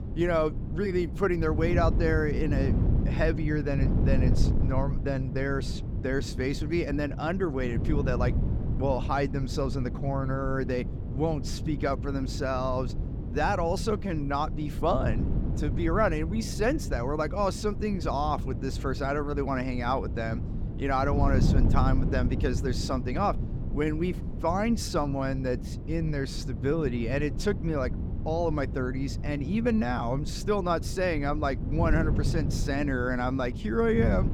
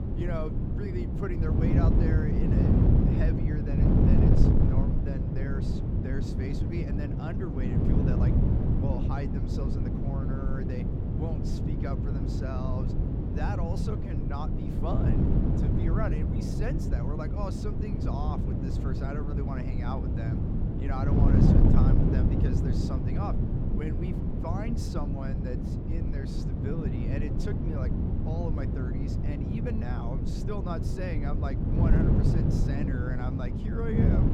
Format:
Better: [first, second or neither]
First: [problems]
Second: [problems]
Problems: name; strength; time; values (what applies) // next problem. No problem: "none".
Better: first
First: wind noise on the microphone; occasional gusts; 10 dB below the speech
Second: wind noise on the microphone; heavy; 3 dB above the speech